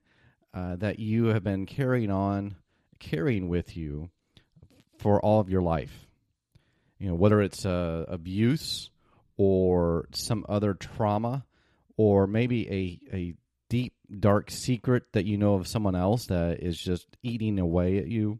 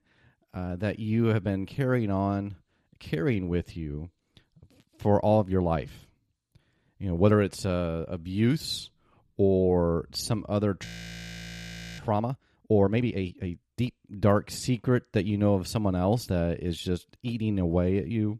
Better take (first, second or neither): first